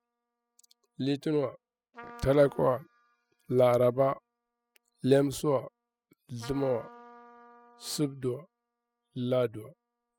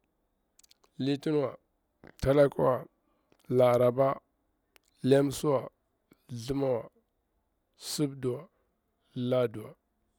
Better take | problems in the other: second | noise reduction (classical method spectral subtraction)

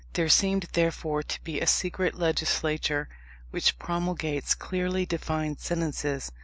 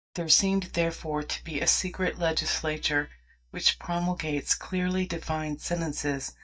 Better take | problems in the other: first | noise reduction (neural mask model DeepFilterNet 3)

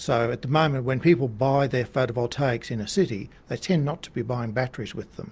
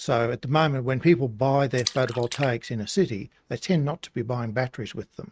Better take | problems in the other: first | noise reduction (neural mask model RNNoise)

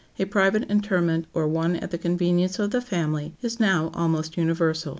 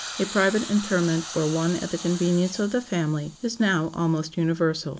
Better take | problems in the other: first | background sound (Hiss); 14 dB below the speech

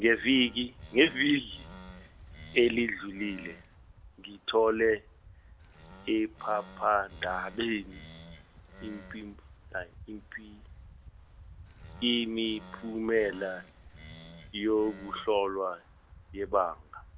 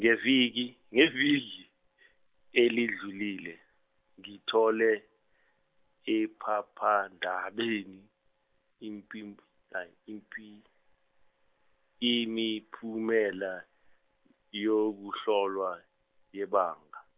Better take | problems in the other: second | background sound (Wind + Animal); 18 dB below the speech

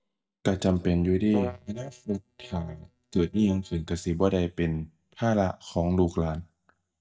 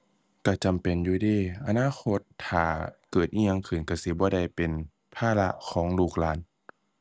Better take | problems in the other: second | noise reduction (neural mask model DeepFilterNet 3)

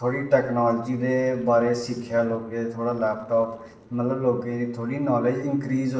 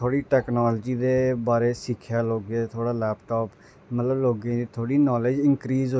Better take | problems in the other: second | noise reduction (neural separator model SepFormer DNS4)

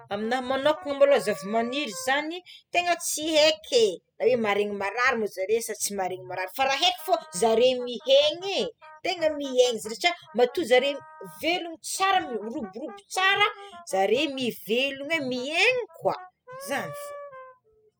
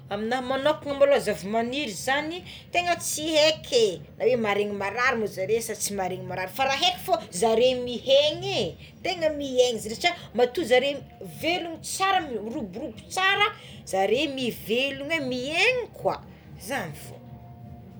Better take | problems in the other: second | noise reduction (classical method spectral subtraction)

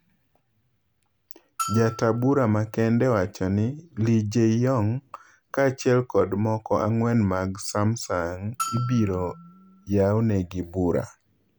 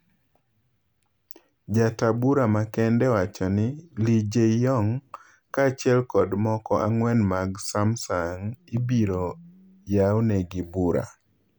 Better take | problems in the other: second | background sound (Bell); 14 dB below the speech

